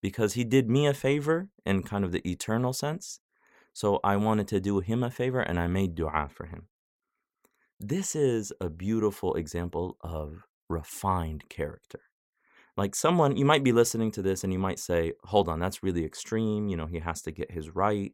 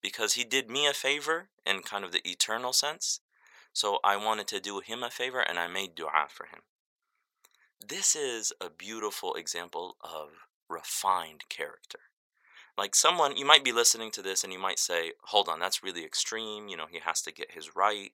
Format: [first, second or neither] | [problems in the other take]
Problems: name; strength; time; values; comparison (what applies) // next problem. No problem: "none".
first | thin; very; fading below 800 Hz